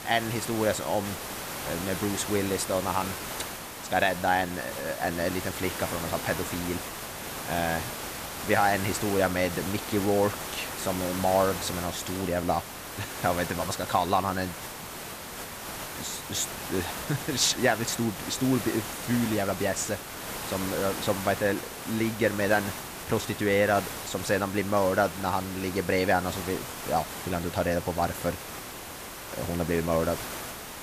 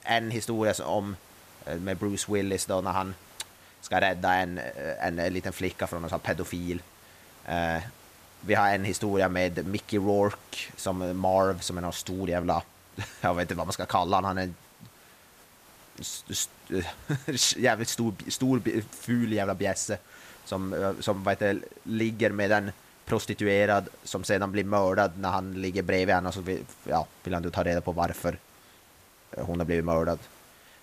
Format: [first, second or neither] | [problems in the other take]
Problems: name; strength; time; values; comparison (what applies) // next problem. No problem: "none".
second | hiss; loud; throughout; 7 dB below the speech; faint in the second